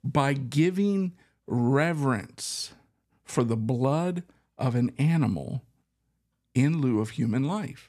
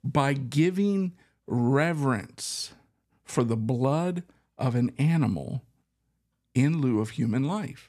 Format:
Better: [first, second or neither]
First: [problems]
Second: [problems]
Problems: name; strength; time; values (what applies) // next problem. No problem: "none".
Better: neither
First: none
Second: none